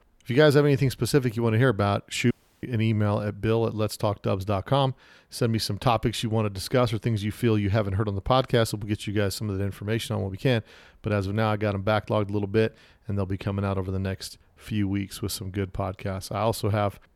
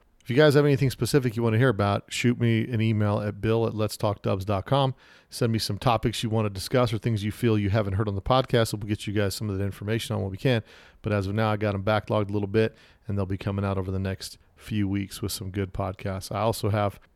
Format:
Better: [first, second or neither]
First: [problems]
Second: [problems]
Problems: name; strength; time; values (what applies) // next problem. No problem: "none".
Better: second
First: audio cutting out; at 2.5 s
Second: none